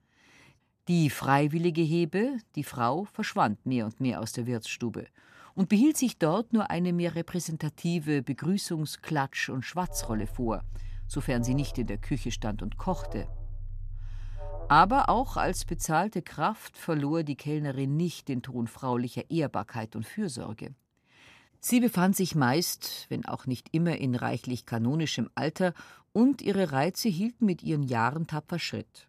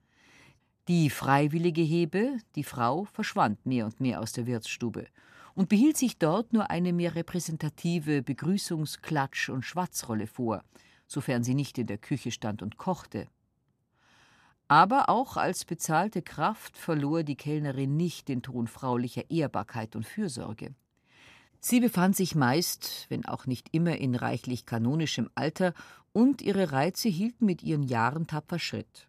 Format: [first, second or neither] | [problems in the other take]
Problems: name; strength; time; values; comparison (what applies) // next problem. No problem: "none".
second | alarm; faint; from 10 to 16 s; peak 10 dB below the speech